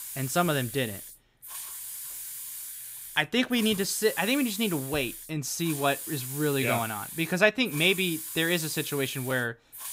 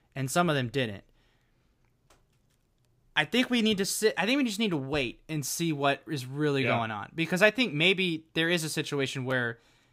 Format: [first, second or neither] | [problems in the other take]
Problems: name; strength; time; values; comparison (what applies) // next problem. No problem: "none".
second | hiss; loud; throughout; 9 dB below the speech